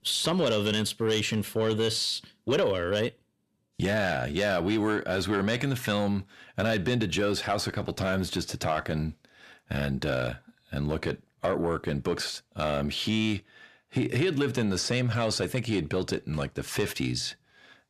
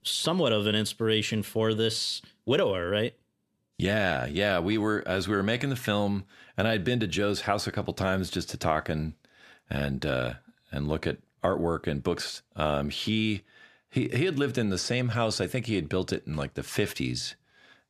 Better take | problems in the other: second | distortion; slight; 10 dB below the speech

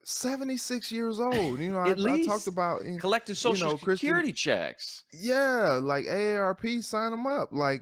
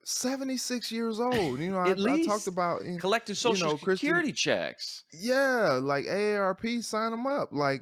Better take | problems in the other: second | garbled, watery; slightly; nothing above 19 kHz

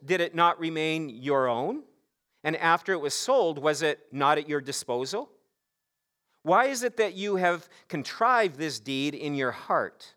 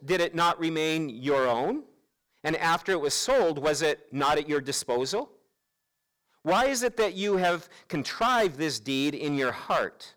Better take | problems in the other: first | distortion; heavy; 8% of the sound clipped

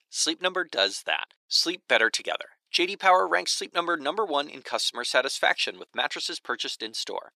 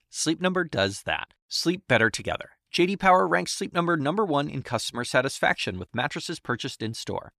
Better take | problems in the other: second | thin; very; fading below 400 Hz

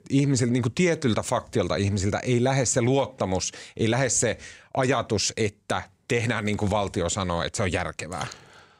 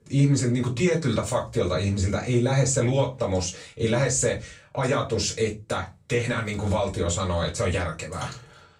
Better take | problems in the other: first | off-mic speech; far // room echo; very slight; dies away in 0.2 s

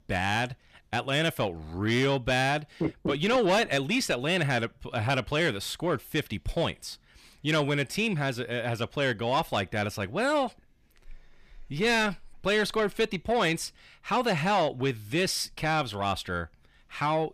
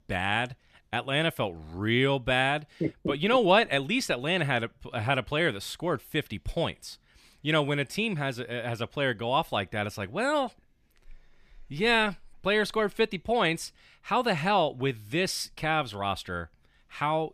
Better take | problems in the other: second | distortion; slight; 10 dB below the speech

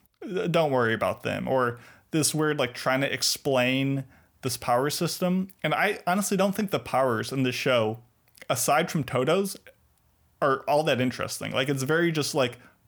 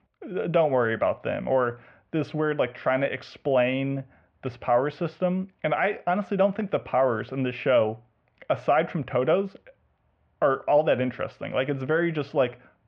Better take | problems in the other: first | muffled; very; fading above 2.5 kHz

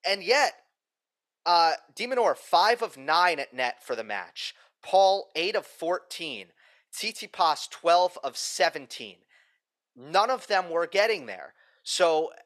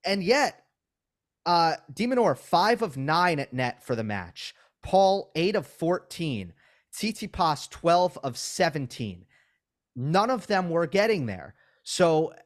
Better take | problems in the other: second | thin; very; fading below 600 Hz

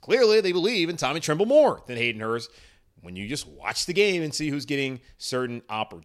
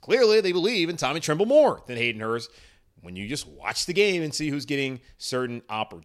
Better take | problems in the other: neither | none

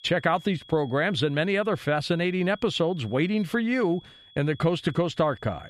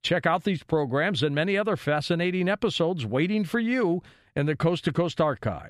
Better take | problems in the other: second | high-pitched whine; faint; throughout; 3.5 kHz, 25 dB below the speech

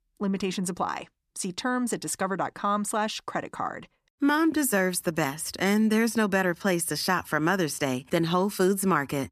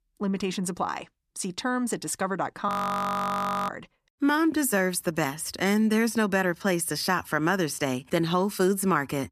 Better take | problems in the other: first | audio freezing; at 2.5 s for 1 s

